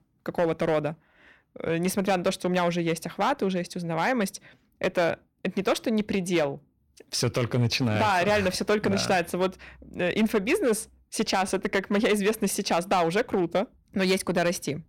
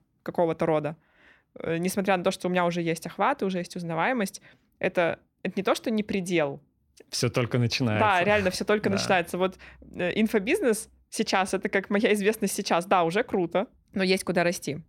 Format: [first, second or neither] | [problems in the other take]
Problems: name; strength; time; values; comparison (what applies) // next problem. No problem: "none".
second | distortion; slight; 5% of the sound clipped